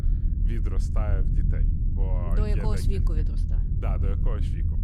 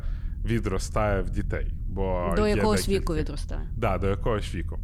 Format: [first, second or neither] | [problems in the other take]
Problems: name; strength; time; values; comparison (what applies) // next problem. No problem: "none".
second | low rumble; loud; throughout; 3 dB below the speech; faint in the second